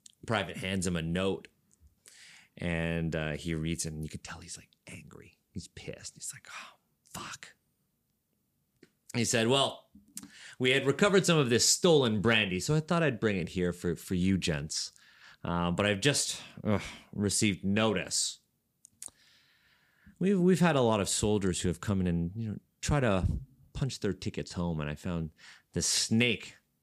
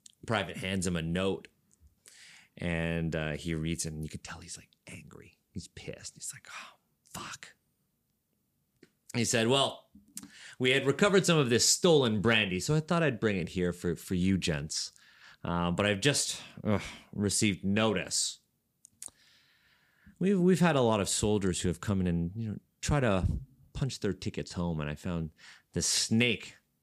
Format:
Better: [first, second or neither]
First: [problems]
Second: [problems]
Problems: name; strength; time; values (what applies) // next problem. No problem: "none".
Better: neither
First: none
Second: none